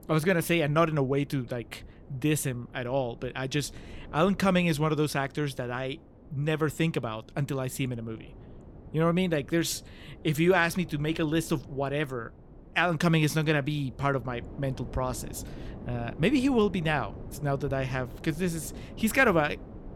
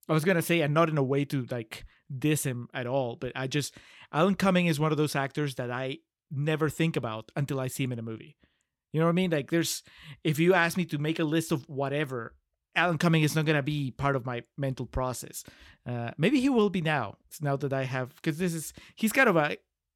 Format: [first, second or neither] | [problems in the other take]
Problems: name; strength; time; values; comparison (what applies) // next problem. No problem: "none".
second | wind noise on the microphone; occasional gusts; 25 dB below the speech